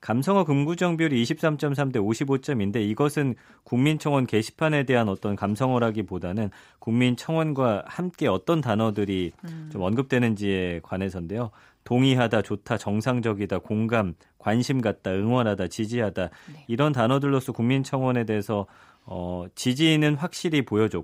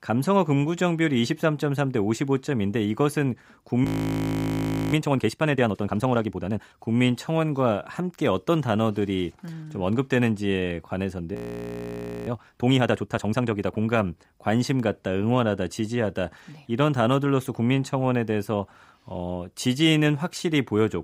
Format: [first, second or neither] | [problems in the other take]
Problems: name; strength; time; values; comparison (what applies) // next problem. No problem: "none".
first | audio freezing; at 4 s for 1 s and at 11 s for 1 s